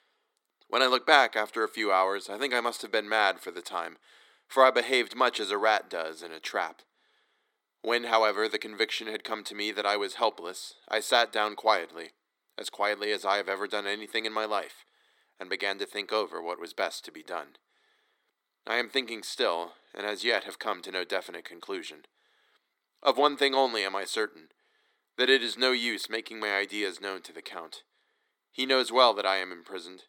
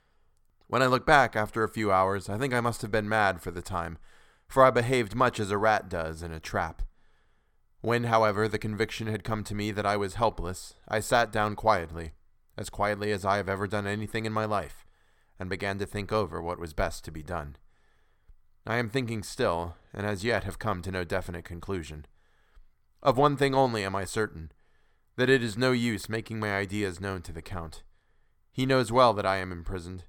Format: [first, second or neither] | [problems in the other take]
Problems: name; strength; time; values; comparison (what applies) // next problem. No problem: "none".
second | thin; somewhat; fading below 300 Hz